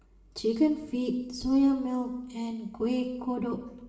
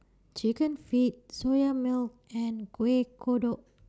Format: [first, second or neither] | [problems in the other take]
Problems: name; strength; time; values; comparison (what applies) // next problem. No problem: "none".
second | room echo; dies away in 1.1 s